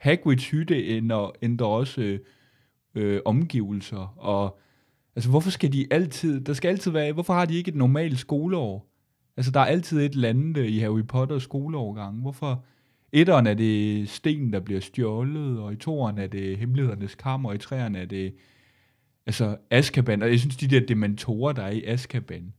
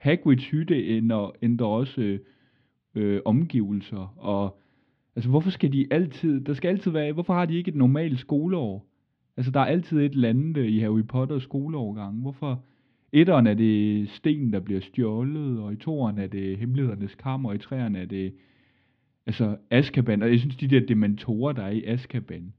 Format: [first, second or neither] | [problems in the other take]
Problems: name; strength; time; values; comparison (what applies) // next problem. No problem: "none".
first | muffled; slightly; fading above 3.5 kHz